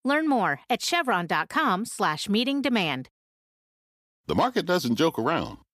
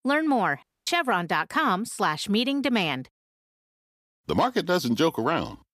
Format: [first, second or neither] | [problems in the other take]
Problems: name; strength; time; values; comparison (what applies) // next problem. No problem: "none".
first | audio cutting out; at 0.5 s